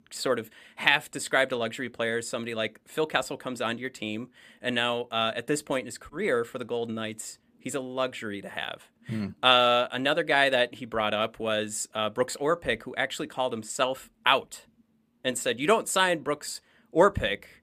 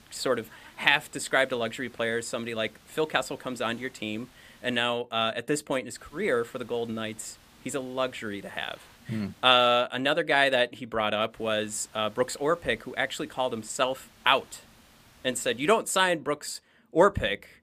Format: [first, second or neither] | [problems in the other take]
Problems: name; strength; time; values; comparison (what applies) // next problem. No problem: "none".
first | hiss; faint; until 5 s, from 6 to 9.5 s and from 11 to 16 s; 25 dB below the speech